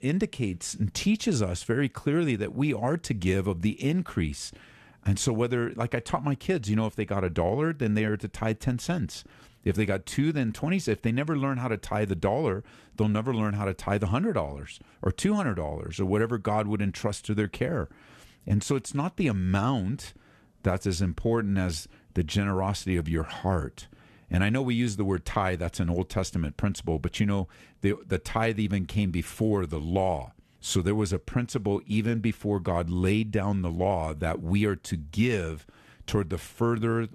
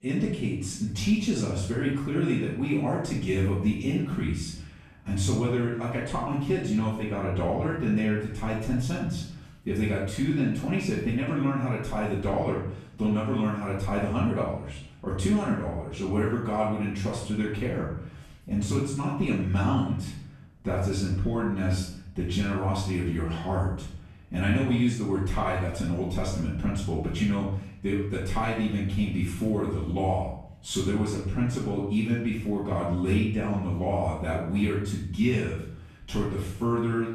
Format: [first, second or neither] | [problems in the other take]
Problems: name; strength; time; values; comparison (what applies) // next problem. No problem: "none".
first | off-mic speech; far // room echo; noticeable; dies away in 0.6 s